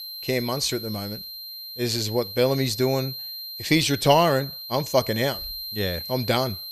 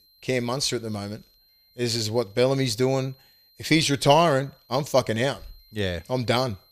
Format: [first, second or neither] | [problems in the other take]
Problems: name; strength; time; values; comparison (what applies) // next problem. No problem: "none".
second | high-pitched whine; loud; throughout; 4 kHz, 9 dB below the speech; faint in the second